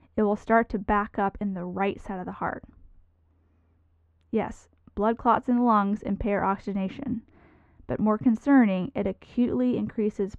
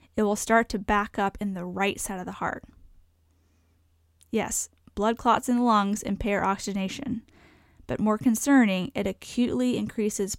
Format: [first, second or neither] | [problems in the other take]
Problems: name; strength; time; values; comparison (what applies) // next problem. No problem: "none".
second | muffled; very; fading above 1.5 kHz